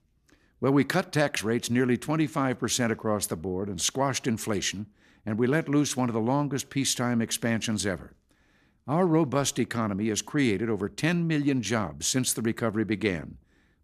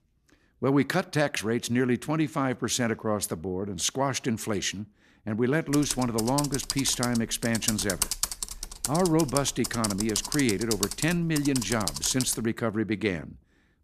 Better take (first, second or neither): first